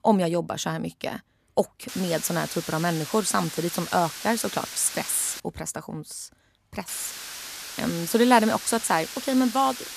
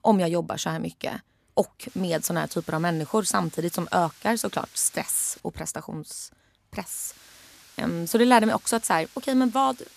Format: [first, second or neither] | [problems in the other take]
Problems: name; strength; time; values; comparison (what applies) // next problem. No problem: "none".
second | hiss; loud; from 2 to 5.5 s and from 7 s on; 9 dB below the speech; faint in the second